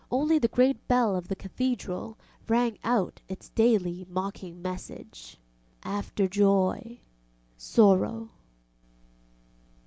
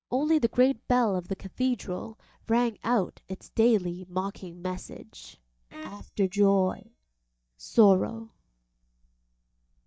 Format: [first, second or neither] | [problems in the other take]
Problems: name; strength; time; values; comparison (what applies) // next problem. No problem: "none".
first | noise reduction (neural mask model DeepFilterNet 3)